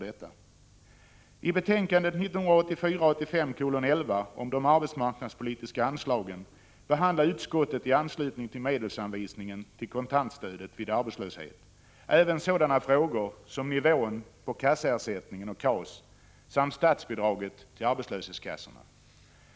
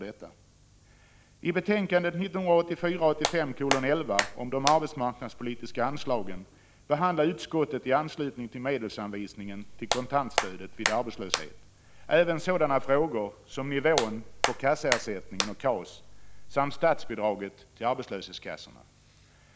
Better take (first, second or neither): first